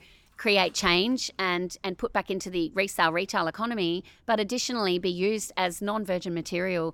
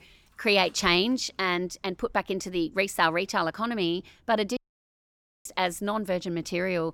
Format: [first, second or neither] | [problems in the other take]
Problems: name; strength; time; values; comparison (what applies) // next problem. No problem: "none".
first | audio cutting out; at 4.5 s for 1 s